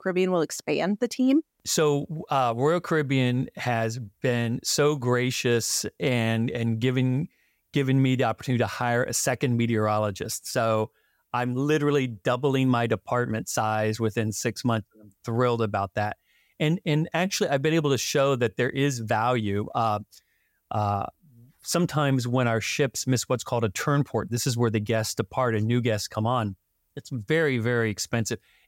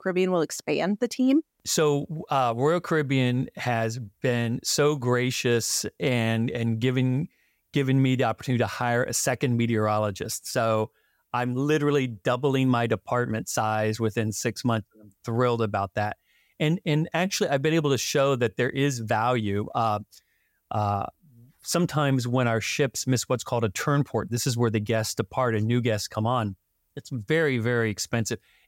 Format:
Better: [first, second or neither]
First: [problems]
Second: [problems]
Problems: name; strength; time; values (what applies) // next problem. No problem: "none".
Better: neither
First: none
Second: none